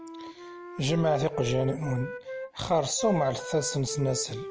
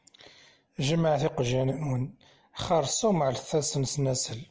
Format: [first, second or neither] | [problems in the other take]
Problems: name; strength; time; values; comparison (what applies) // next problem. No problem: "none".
second | background sound (Wind instrument, woodwind instrument); 9 dB below the speech